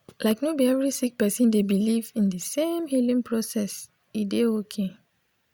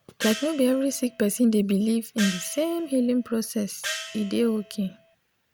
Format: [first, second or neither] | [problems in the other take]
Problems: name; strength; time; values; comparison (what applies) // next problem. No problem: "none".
first | background sound (Gong); 12 dB below the speech